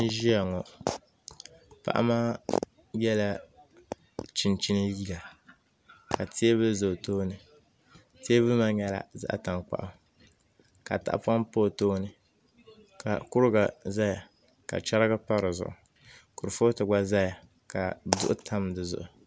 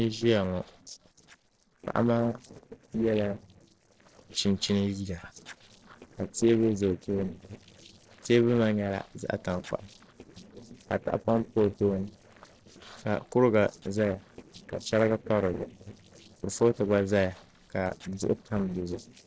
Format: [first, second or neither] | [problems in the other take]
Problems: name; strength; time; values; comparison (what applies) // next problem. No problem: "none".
first | noise reduction (neural separator model SepFormer DNS4)